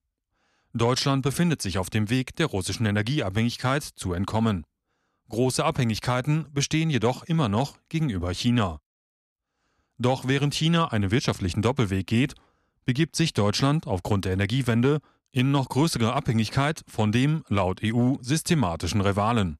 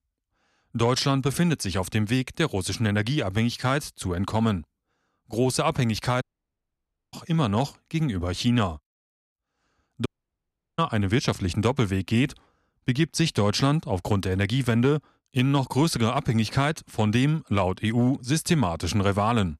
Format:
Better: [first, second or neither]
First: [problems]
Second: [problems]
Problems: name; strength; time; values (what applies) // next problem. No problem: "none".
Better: first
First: none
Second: audio cutting out; at 6 s for 1 s and at 10 s for 0.5 s